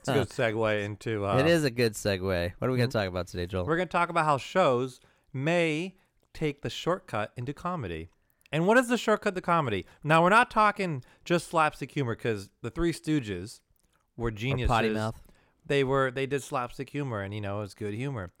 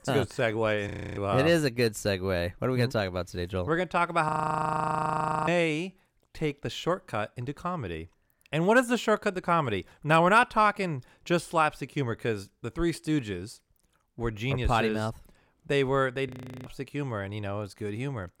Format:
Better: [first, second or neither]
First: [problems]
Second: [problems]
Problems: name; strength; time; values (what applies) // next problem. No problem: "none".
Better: first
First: none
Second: audio freezing; at 1 s, at 4.5 s for 1 s and at 16 s